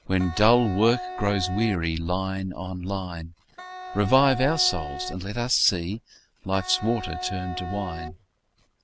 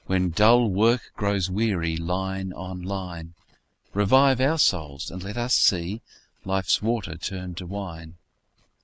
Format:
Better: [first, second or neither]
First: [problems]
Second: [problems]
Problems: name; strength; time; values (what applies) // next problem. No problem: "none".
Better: second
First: background sound (Wind instrument, woodwind instrument); 10 dB below the speech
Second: none